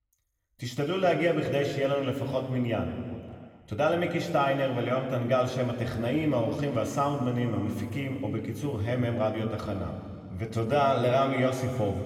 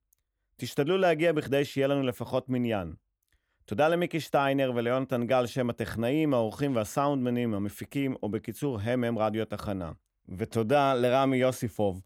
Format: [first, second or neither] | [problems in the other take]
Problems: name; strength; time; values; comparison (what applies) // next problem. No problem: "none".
second | room echo; slight; dies away in 2.3 s // off-mic speech; somewhat distant